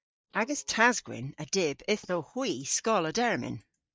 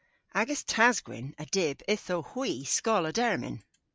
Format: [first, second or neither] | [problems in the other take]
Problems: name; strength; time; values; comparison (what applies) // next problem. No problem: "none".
second | noise reduction (neural mask model DeepFilterNet 3)